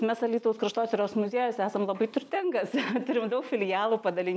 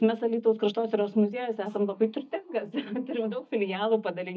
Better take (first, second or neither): first